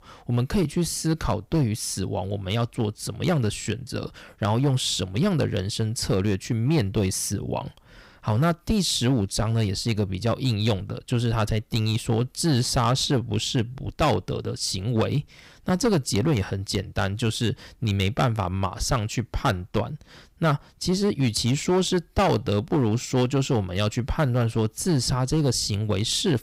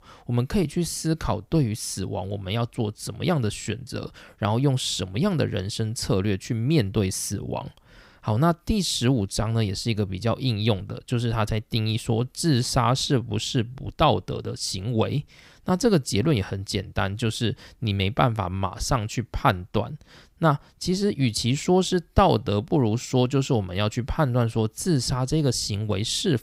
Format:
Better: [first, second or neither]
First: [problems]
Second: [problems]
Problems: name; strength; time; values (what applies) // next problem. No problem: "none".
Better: second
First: distortion; slight; 5% of the sound clipped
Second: none